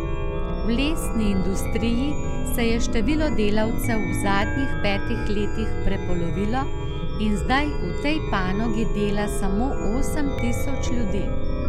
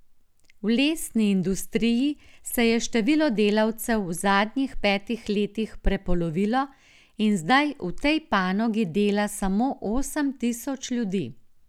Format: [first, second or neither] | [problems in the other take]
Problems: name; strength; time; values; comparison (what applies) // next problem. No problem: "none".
second | background sound (Chime); 3 dB above the speech